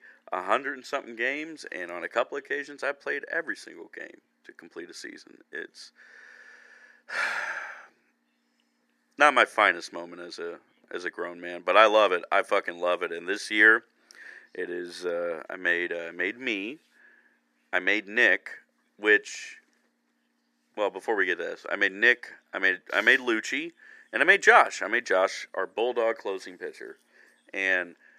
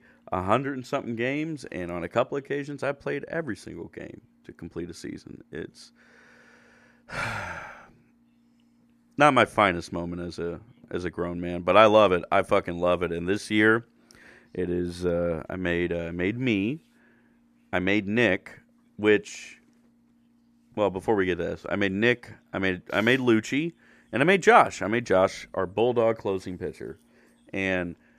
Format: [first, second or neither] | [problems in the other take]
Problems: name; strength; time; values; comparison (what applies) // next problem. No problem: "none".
second | thin; somewhat; fading below 350 Hz